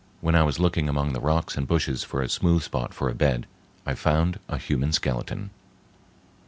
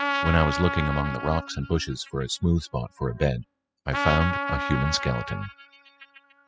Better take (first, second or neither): first